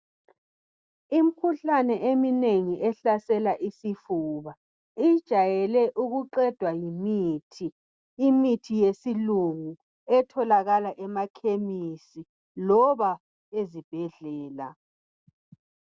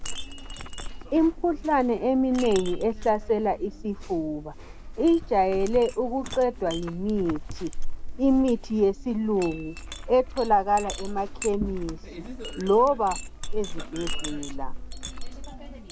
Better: first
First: none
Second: background sound (Chink, clink); 6 dB below the speech

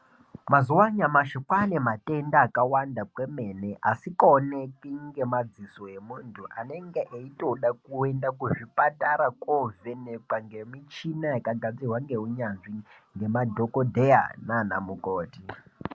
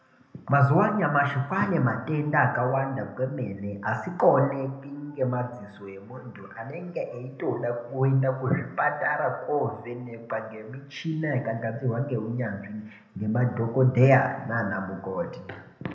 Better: first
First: none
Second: room echo; dies away in 0.7 s

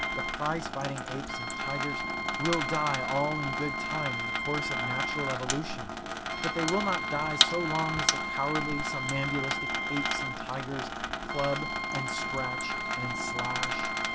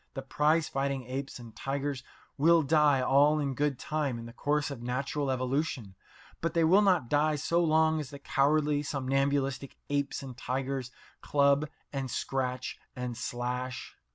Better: second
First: background sound (Wind instrument, woodwind instrument + Sink (filling or washing) / Water tap, faucet); 3 dB above the speech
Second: none

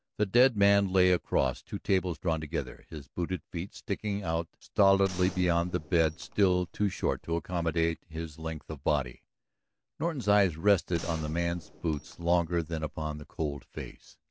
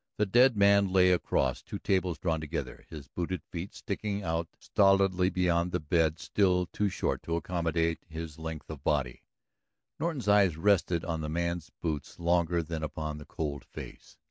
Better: second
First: background sound (Gunshot, gunfire); 17 dB below the speech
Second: none

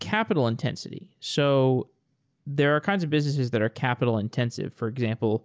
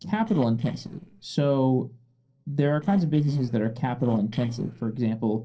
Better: first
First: none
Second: noise reduction (neural separator model SepFormer DNS4)

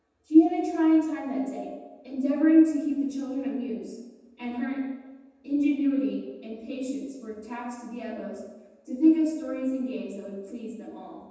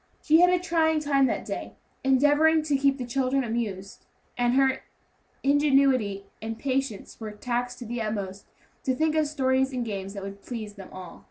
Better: second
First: room echo; dies away in 1.1 s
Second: none

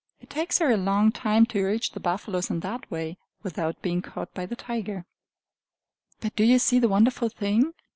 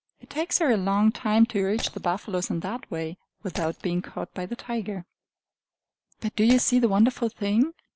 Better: first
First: none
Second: background sound (Shatter); 18 dB below the speech

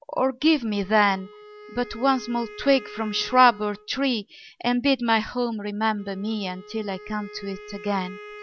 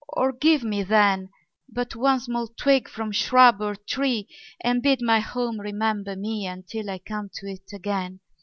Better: second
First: background sound (Wind instrument, woodwind instrument); 19 dB below the speech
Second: none

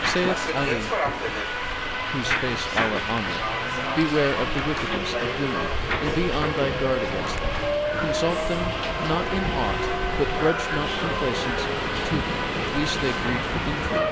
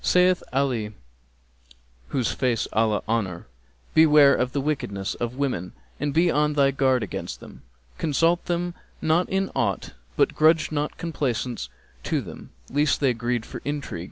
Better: second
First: background sound (Subway, metro, underground); 3 dB above the speech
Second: none

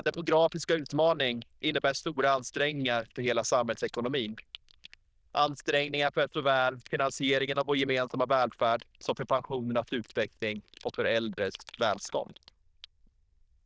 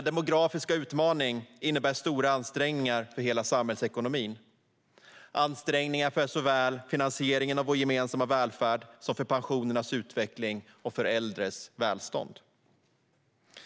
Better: second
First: noise reduction (neural diffusion model UNIVERSE++)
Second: none

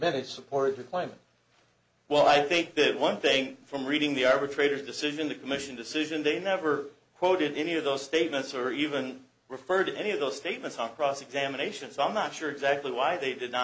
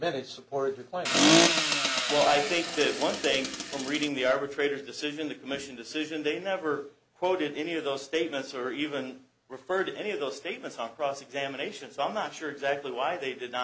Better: first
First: none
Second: background sound (Accelerating, revving, vroom); 4 dB above the speech

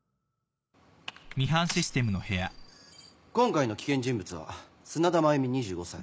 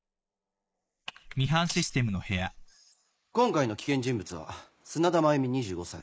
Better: first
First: none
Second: noise reduction (neural mask model Resemble Enhance denoiser)

